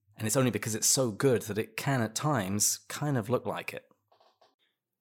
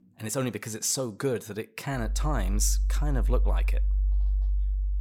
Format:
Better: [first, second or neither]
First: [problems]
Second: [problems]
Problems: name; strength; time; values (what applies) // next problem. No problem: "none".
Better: first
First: none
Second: background music; very loud; throughout; 2 dB above the speech